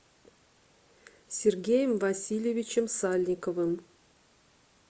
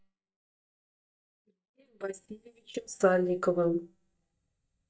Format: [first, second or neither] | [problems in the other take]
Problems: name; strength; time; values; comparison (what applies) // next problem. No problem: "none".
first | noise reduction (neural mask model DeepFilterNet 3)